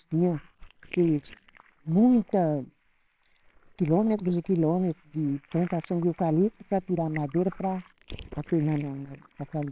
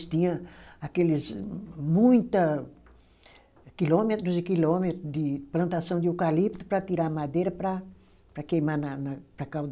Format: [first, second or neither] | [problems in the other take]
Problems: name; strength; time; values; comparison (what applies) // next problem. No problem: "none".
second | noise reduction (neural separator model SepFormer WHAMR!)